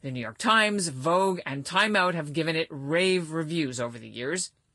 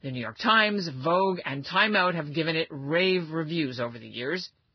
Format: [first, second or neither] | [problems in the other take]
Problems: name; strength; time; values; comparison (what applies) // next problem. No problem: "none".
first | garbled, watery; badly; nothing above 5 kHz; slightly in the first